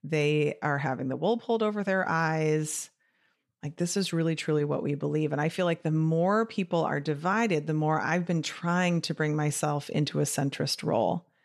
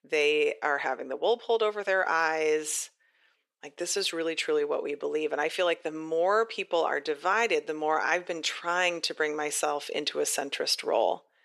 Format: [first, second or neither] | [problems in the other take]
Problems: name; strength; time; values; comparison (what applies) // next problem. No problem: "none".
first | thin; very; fading below 400 Hz